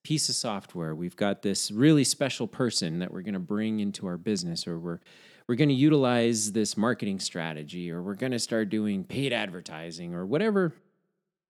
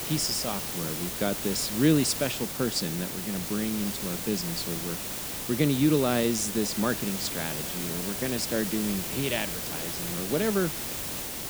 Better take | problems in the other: first | hiss; loud; throughout; 3 dB below the speech

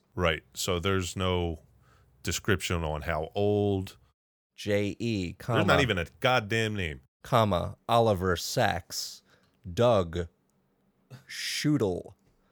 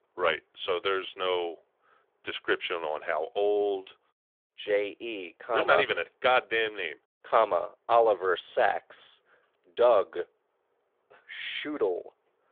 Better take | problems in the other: first | phone-call audio

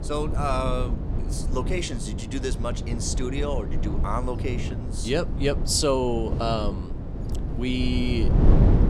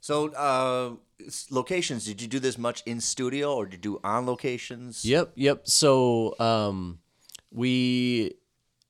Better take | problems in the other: second | wind noise on the microphone; heavy; 8 dB below the speech

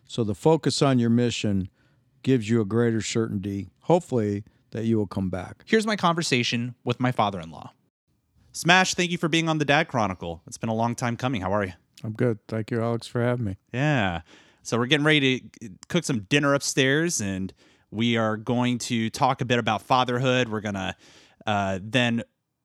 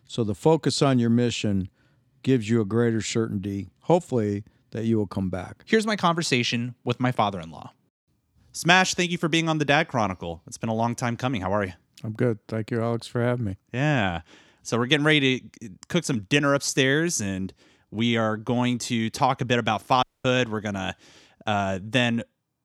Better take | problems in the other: first | audio cutting out; at 20 s

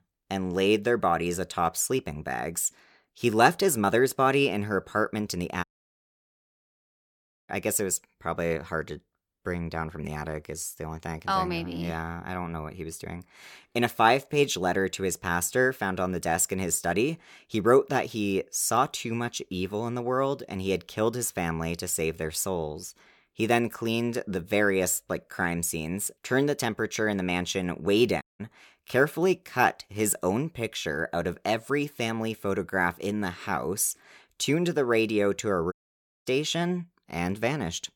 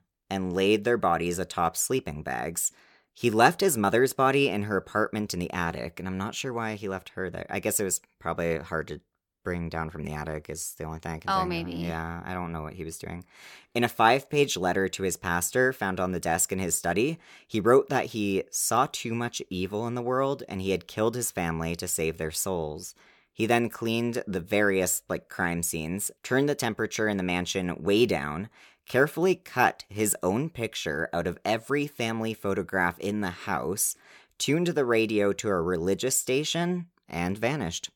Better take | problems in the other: second | audio cutting out; at 5.5 s for 2 s, at 28 s and at 36 s for 0.5 s

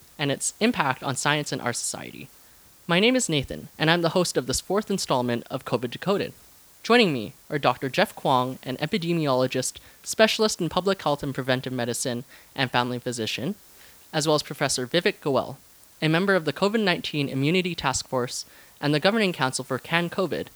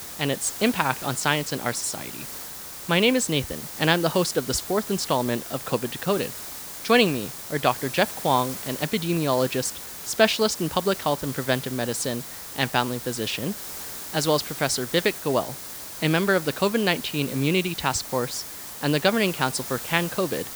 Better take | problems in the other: first | hiss; loud; throughout; 10 dB below the speech; faint in the first

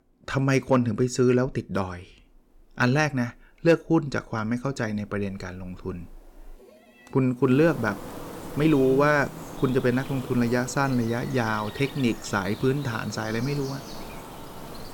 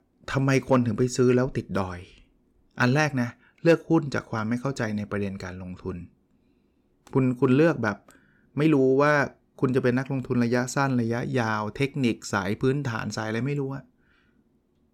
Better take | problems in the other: second | animal sounds; noticeable; throughout; 15 dB below the speech

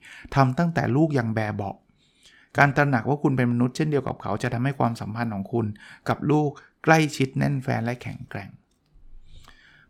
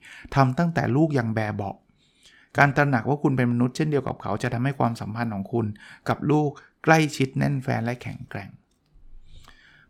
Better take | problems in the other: neither | none

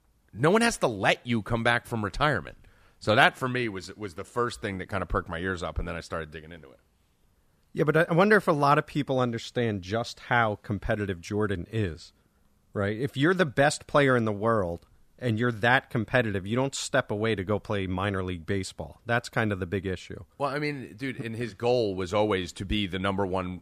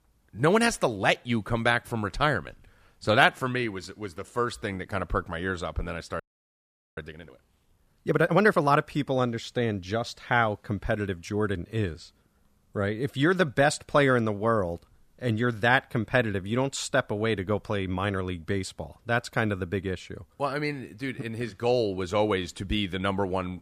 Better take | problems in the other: first | audio freezing; at 6 s for 1 s

